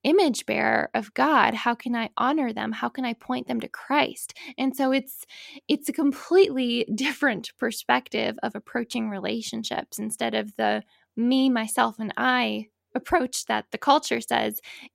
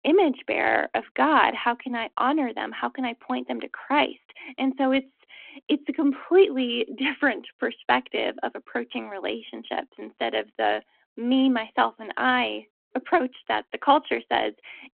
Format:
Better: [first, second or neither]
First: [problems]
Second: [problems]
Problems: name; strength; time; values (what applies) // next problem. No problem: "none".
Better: first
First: none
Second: phone-call audio